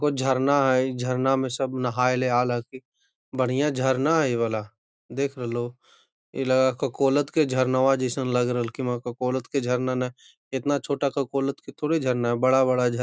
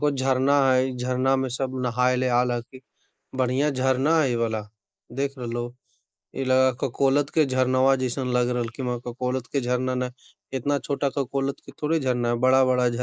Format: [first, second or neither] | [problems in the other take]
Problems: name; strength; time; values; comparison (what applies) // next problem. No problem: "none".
first | noise reduction (neural mask model Resemble Enhance denoiser)